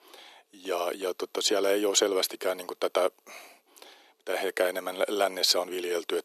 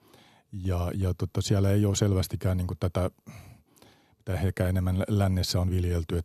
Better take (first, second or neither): second